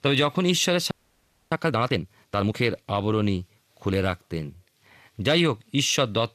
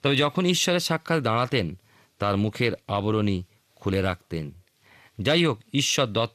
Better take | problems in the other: second | audio freezing; at 1 s for 0.5 s

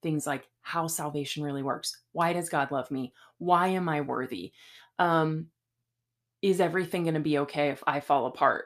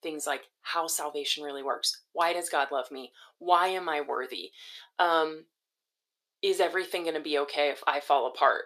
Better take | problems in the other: first | thin; very; fading below 400 Hz

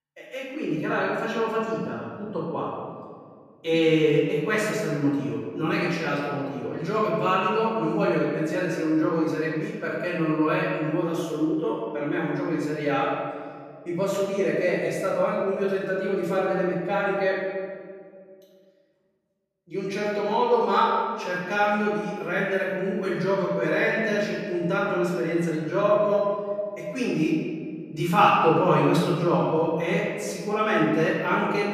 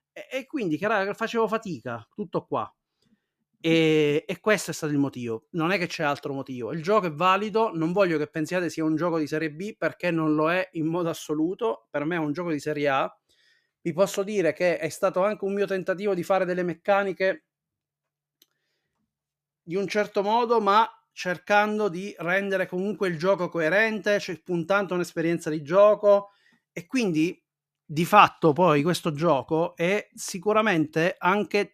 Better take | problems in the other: second | off-mic speech; far // room echo; noticeable; dies away in 1.7 s

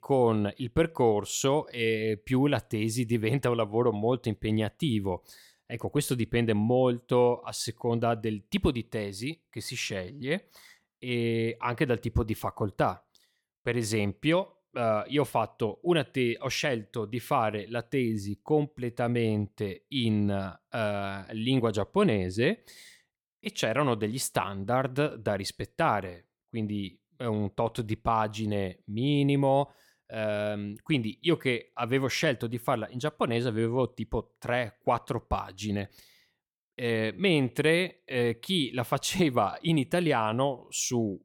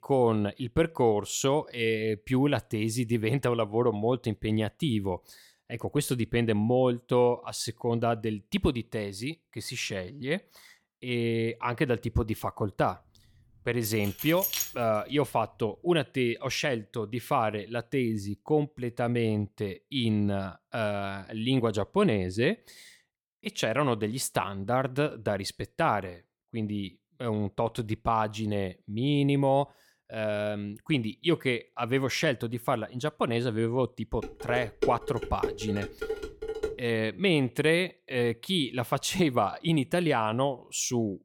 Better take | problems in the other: first | jangling keys; loud; at 14 s; peak level with the speech // clattering dishes; noticeable; from 34 to 37 s; peak 4 dB below the speech

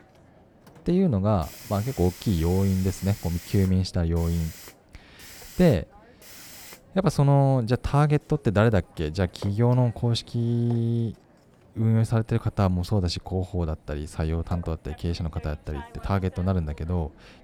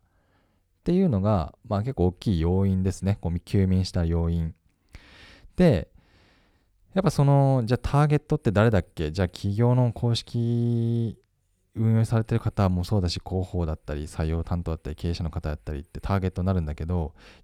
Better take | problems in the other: second | hiss; noticeable; throughout; 20 dB below the speech

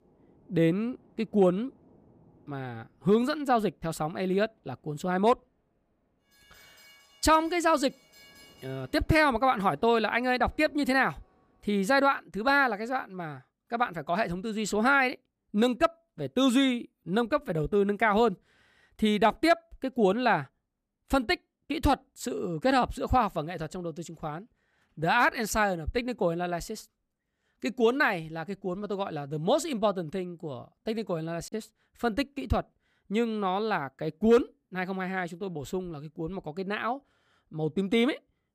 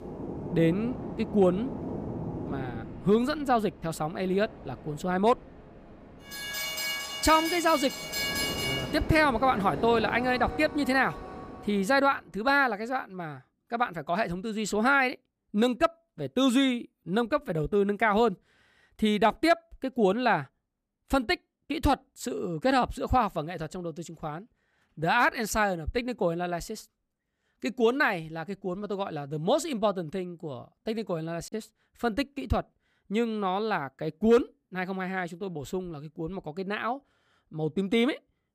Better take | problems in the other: first | train or aircraft noise; loud; until 11 s; 7 dB below the speech; faint in the first

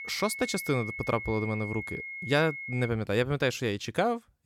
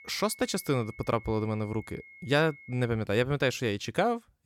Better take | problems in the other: second | high-pitched whine; loud; until 3 s; 2 kHz, 7 dB below the speech; faint in the second

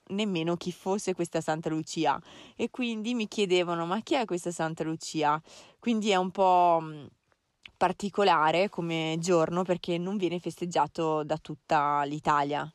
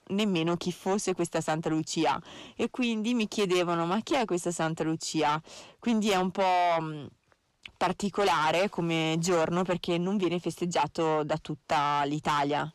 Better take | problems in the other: first | distortion; heavy; 8 dB below the speech

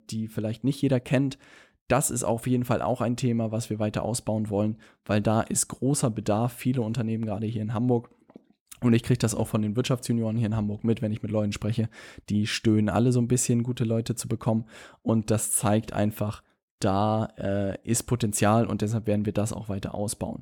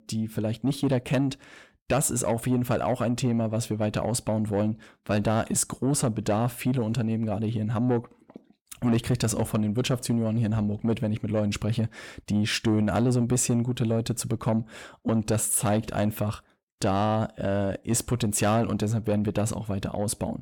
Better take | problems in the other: first | distortion; slight; 10 dB below the speech

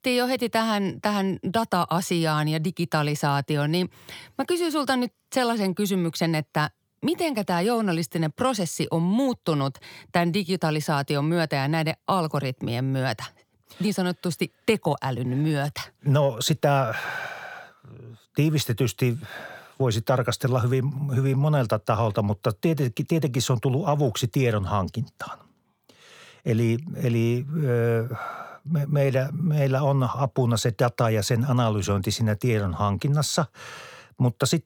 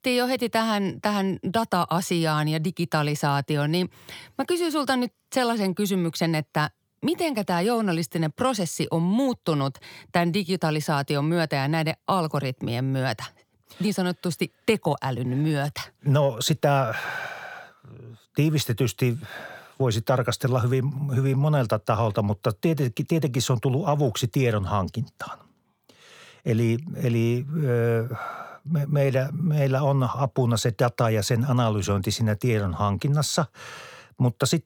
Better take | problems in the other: neither | none

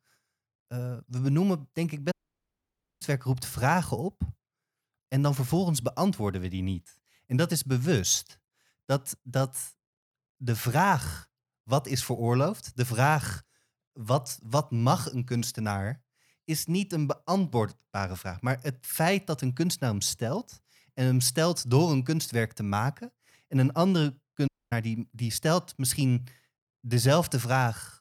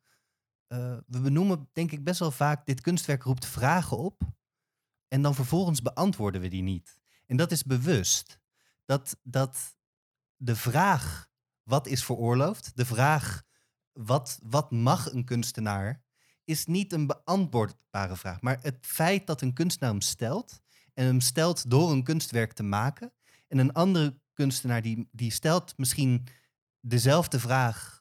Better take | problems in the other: second | audio cutting out; at 2 s for 1 s and at 24 s

